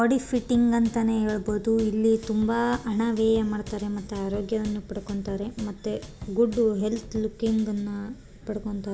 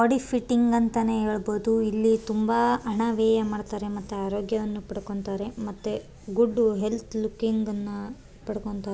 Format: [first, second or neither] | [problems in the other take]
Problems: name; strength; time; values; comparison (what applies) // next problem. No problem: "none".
second | background sound (Drum / Drum kit); 18 dB below the speech // room echo; dies away in 0.6 s